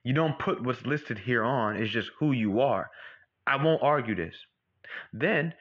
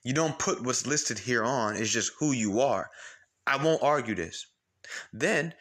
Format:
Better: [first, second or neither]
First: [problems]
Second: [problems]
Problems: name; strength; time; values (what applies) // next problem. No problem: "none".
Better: second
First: muffled; very slightly; fading above 3 kHz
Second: none